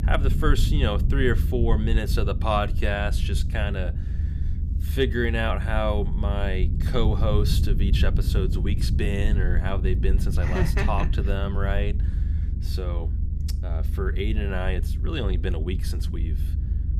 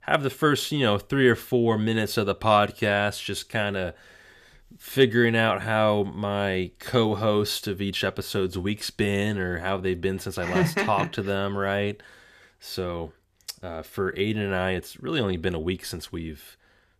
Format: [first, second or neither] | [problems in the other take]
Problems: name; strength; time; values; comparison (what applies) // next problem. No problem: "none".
second | low rumble; noticeable; throughout; 10 dB below the speech